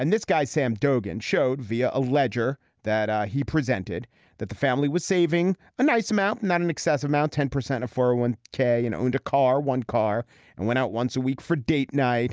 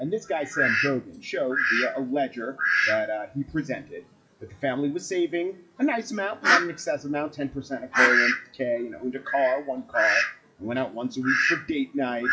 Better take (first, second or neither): first